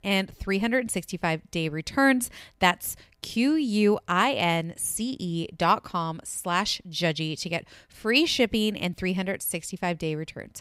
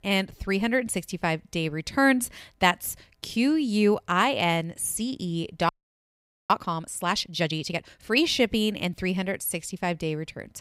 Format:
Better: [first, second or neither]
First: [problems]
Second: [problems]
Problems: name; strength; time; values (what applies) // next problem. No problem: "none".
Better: first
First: none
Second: audio freezing; at 5.5 s for 1 s